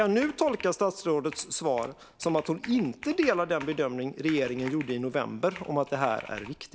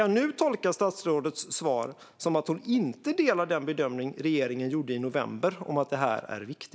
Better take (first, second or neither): second